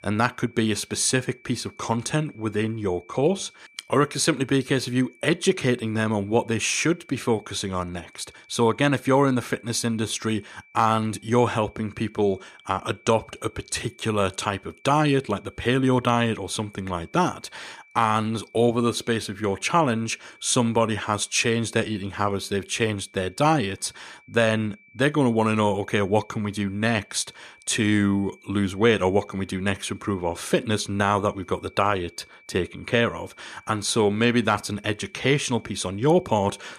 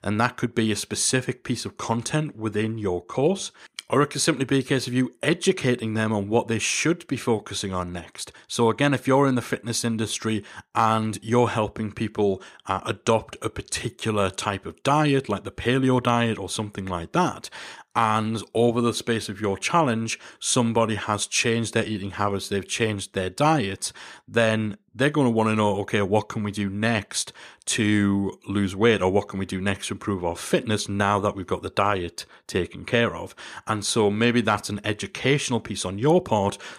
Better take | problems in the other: second | high-pitched whine; faint; throughout; 2.5 kHz, 30 dB below the speech

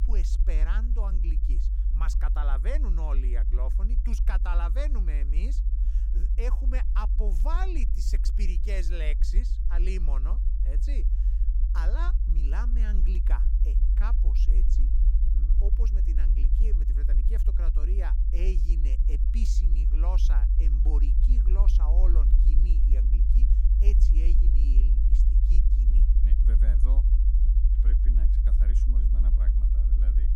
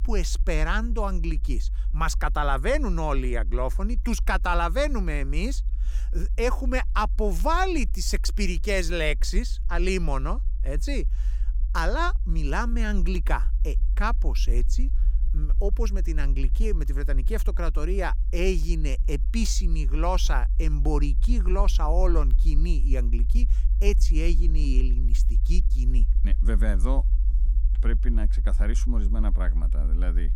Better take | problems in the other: second | low rumble; loud; throughout; 5 dB below the speech; faint in the second

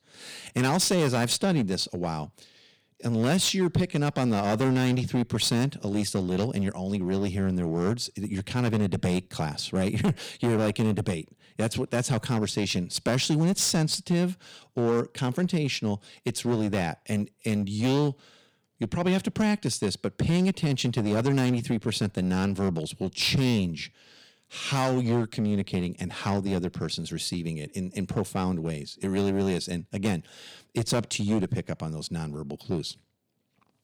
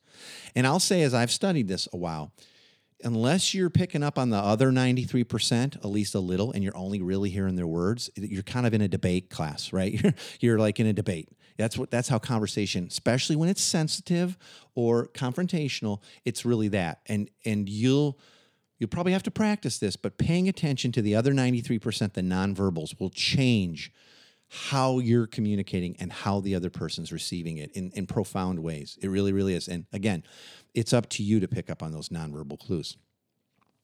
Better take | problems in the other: second | distortion; slight; 8% of the sound clipped

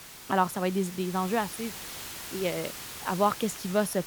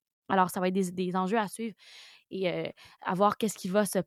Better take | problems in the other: second | hiss; loud; throughout; 9 dB below the speech

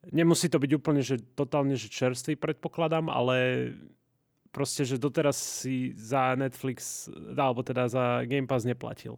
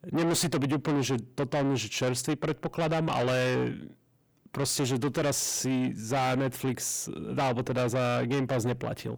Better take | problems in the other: first | distortion; heavy; 6 dB below the speech

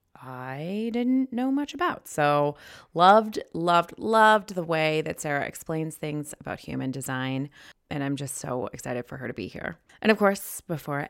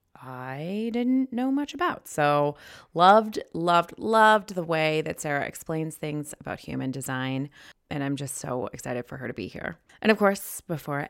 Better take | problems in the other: neither | none

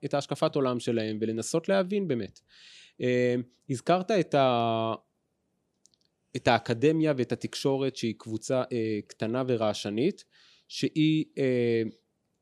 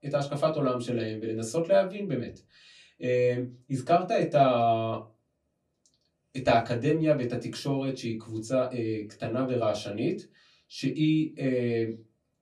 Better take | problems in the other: first | off-mic speech; far // room echo; very slight; dies away in 0.2 s

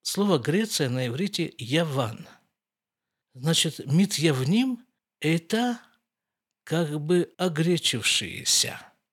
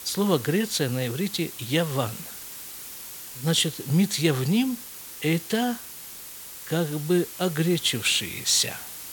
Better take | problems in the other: first | hiss; noticeable; throughout; 10 dB below the speech

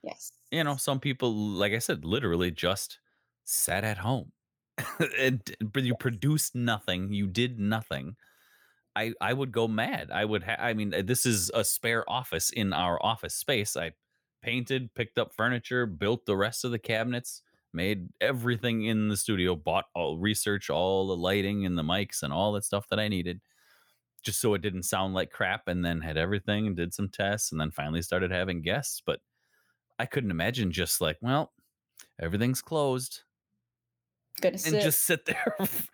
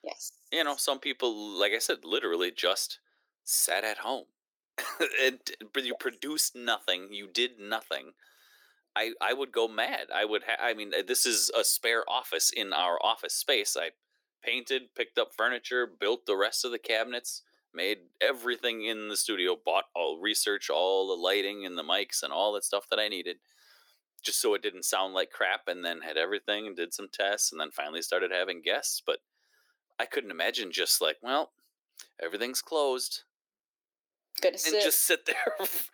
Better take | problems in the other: first | thin; very; fading below 300 Hz

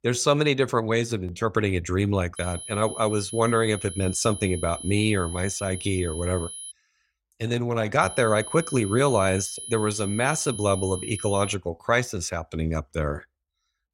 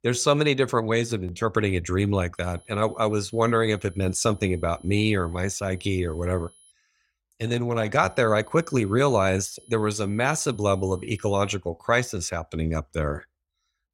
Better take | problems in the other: second | high-pitched whine; loud; from 2.5 to 6.5 s and from 8 to 12 s; 10.5 kHz, 10 dB below the speech; faint in the second

